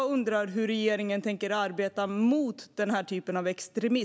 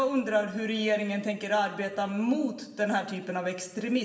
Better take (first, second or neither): first